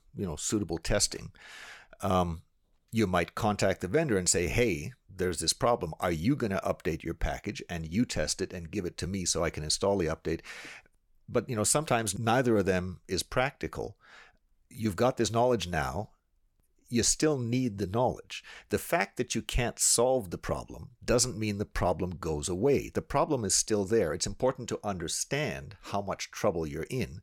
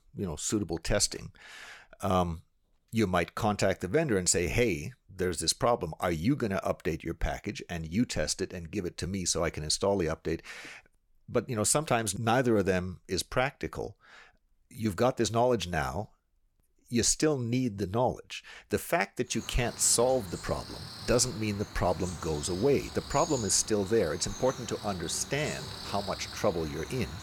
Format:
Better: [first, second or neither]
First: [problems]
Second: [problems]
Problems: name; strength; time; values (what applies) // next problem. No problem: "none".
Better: first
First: none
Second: animal sounds; noticeable; from 19 s on; 10 dB below the speech